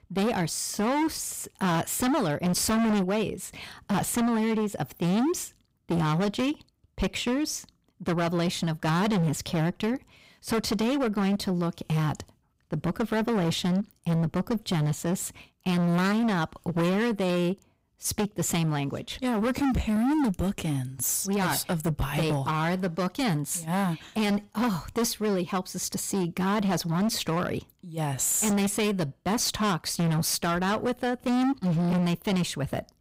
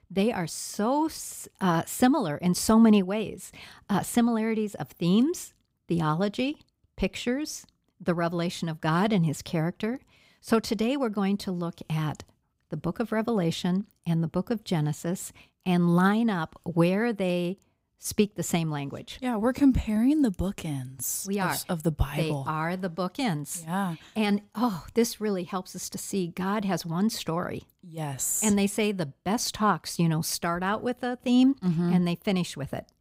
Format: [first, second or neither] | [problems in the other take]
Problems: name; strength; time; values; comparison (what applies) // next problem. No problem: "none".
second | distortion; heavy; 22% of the sound clipped